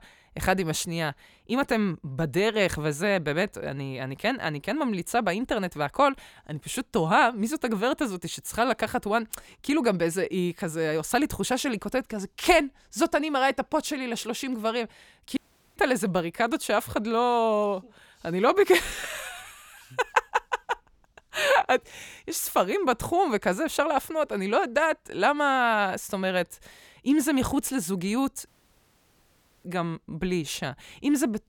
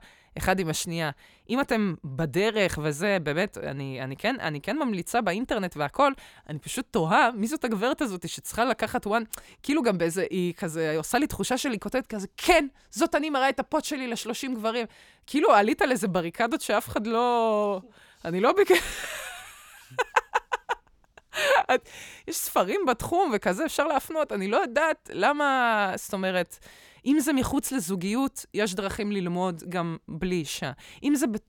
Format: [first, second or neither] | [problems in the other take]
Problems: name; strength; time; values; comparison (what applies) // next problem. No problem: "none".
second | audio cutting out; at 15 s and at 28 s for 1 s